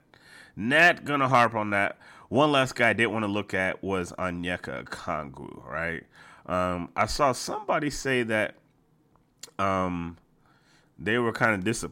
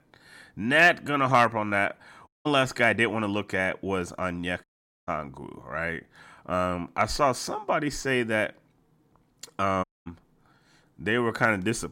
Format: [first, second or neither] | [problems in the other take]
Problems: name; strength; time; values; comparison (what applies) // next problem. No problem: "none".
first | audio cutting out; at 2.5 s, at 4.5 s and at 10 s